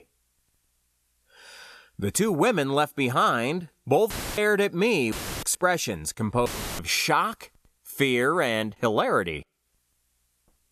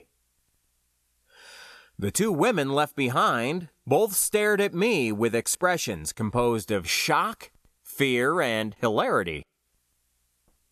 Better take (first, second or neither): second